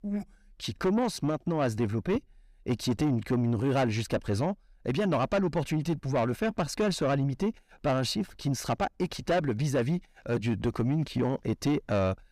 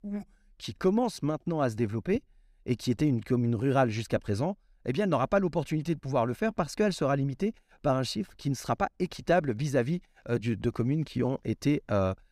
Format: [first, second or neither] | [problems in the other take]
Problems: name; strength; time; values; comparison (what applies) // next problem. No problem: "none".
second | distortion; slight; 10 dB below the speech